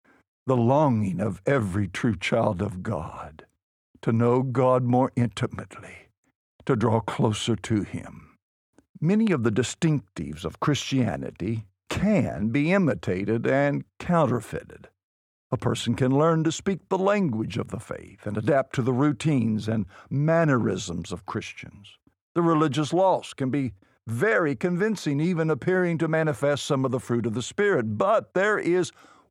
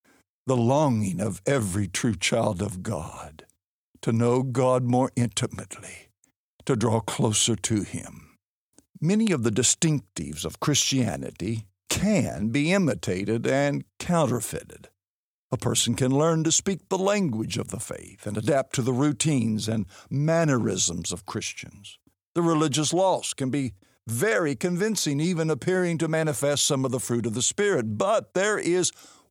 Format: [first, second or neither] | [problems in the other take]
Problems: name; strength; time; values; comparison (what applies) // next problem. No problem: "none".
second | muffled; slightly; fading above 3.5 kHz